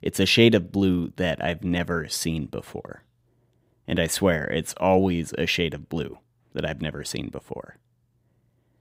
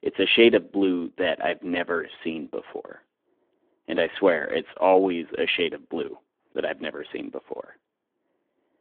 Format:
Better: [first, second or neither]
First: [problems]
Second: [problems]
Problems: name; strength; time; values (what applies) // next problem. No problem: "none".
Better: first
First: none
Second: phone-call audio; nothing above 3.5 kHz